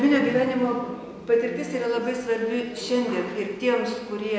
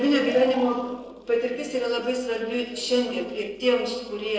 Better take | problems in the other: first | noise reduction (neural separator model SepFormer DNS4)

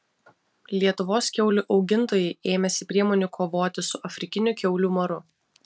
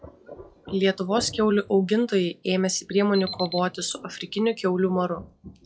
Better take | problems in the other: first | noise reduction (classical method log-MMSE)

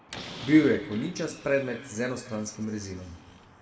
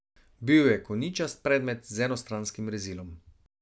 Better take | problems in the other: second | background sound (Slam); 17 dB below the speech // room echo; dies away in 1.7 s

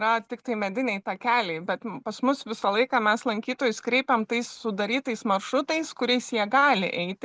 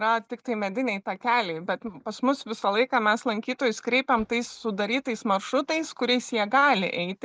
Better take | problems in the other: first | noise reduction (neural mask model DeepFilterNet 3)

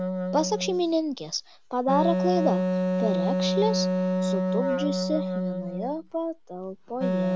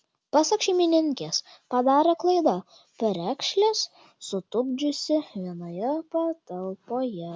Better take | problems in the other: second | background sound (Wind instrument, woodwind instrument); 2 dB above the speech

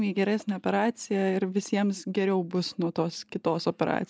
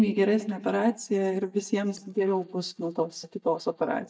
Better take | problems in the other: first | noise reduction (neural mask model DeepFilterNet 3)

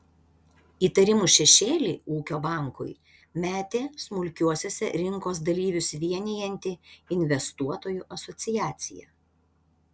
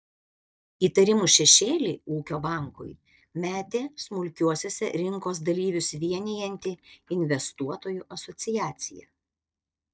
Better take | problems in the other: first | noise reduction (neural mask model DeepFilterNet 3)

